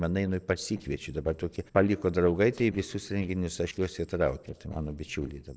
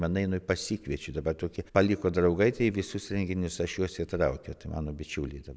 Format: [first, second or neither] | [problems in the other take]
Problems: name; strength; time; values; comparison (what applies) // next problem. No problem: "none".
second | noise reduction (neural separator model SepFormer DNS4)